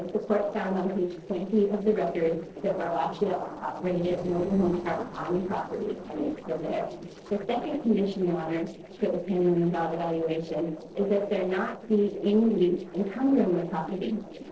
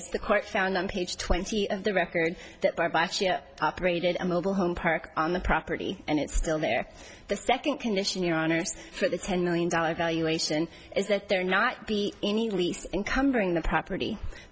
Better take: second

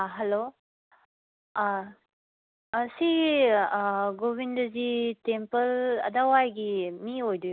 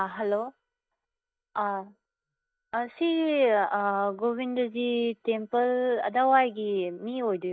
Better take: first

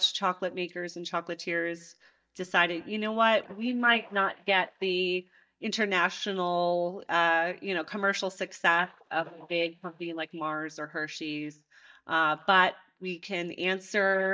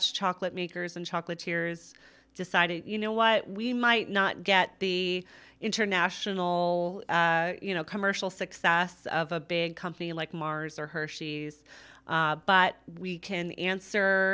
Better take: second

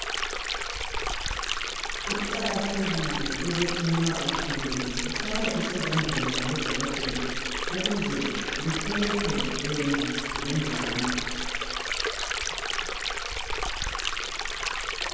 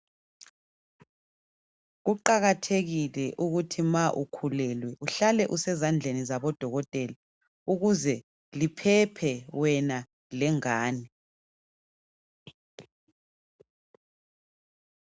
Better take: second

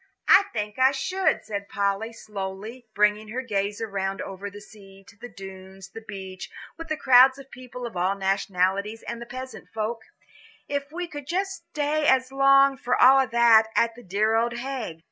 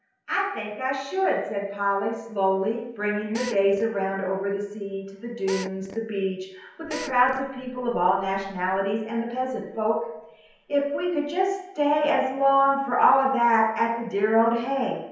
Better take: first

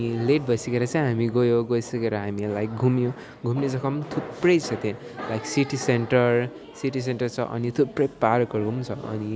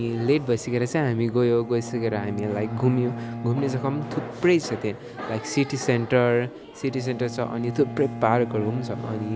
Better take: first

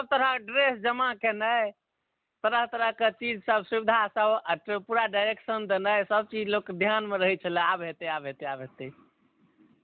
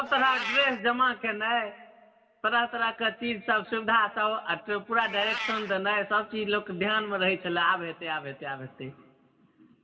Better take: first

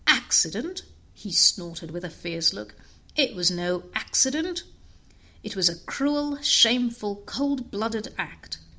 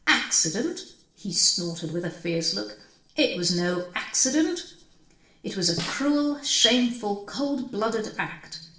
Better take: first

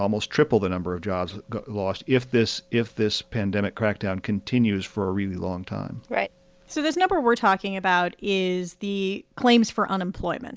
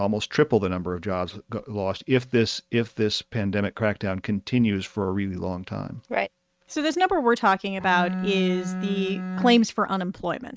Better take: first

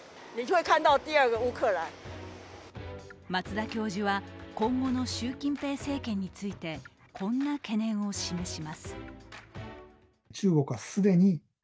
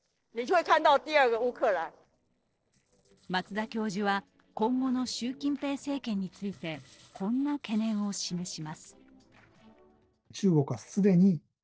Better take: first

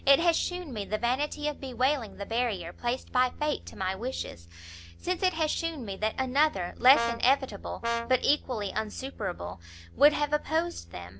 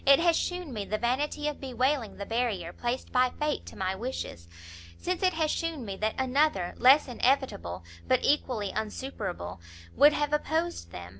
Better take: second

